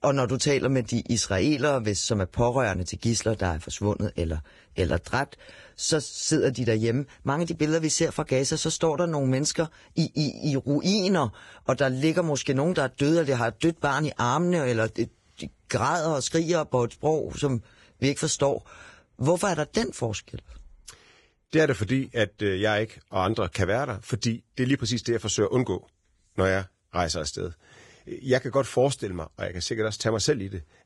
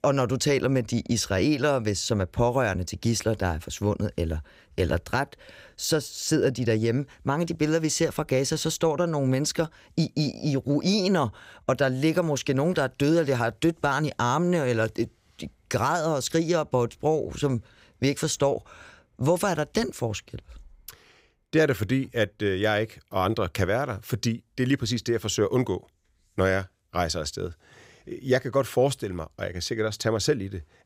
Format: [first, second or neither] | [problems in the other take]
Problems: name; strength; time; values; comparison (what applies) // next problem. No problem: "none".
second | garbled, watery; badly